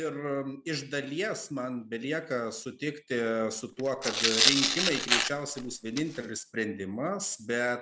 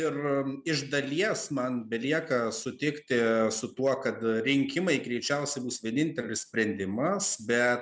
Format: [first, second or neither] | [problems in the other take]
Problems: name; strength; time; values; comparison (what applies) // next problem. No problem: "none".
second | background sound (Tearing); 3 dB above the speech